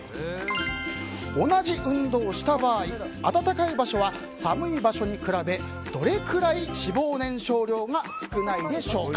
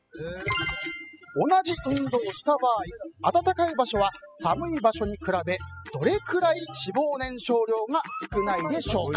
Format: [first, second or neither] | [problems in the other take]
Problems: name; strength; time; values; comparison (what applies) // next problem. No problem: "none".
first | noise reduction (classical method spectral subtraction)